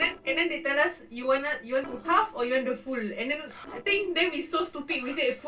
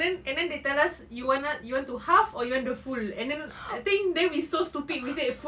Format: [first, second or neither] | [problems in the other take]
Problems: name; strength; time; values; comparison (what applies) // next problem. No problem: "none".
second | noise reduction (neural separator model SepFormer DNS4)